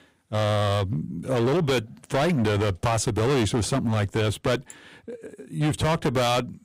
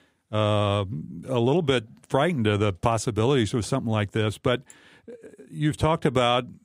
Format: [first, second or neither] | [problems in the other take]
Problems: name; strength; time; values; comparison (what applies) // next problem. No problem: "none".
second | distortion; heavy; 18% of the sound clipped